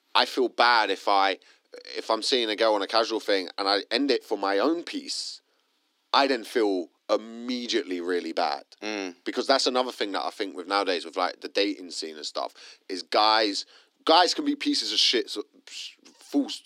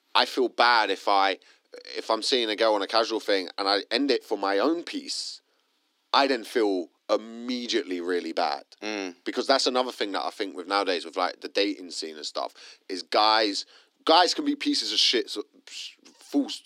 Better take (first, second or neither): neither